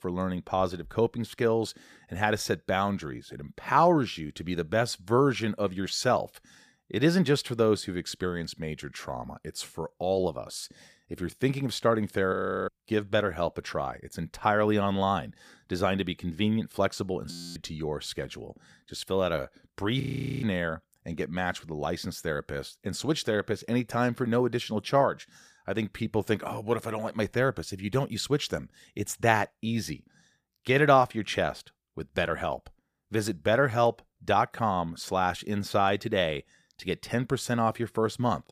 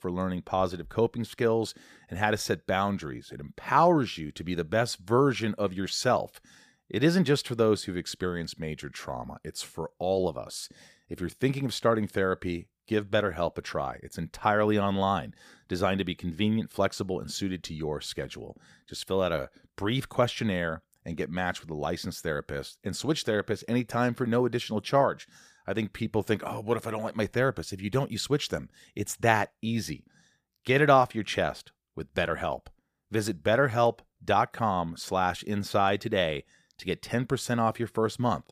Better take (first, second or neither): second